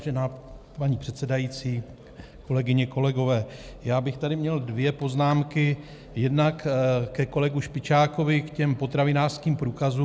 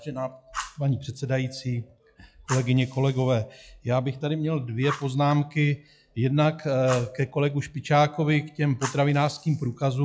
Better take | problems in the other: first | noise reduction (classical method log-MMSE)

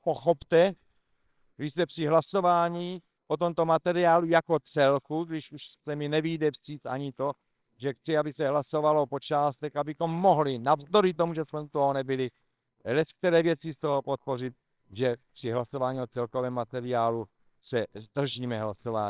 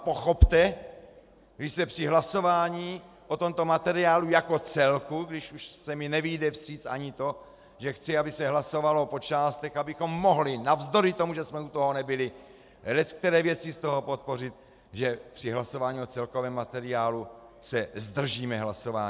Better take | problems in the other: second | noise reduction (neural separator model SepFormer WHAMR!)

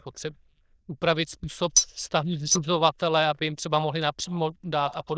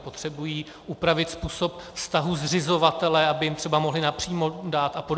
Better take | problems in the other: second | noise reduction (neural diffusion model UNIVERSE++)

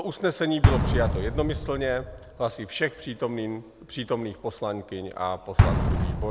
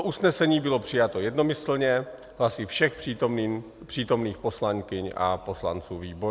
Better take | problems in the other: second | background sound (Explosion); 2 dB above the speech

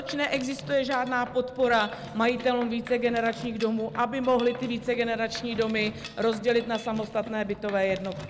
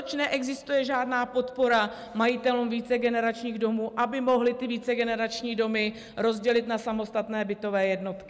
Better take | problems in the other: second | background sound (Mechanisms); 15 dB below the speech

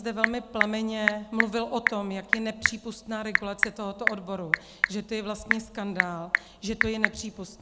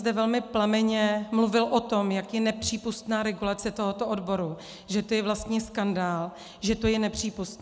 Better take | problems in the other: second | background sound (Telephone / Typing); 2 dB above the speech

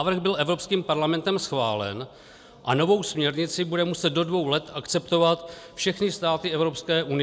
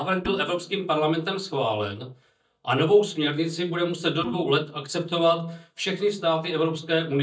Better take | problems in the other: first | noise reduction (neural mask model DeepFilterNet 3)

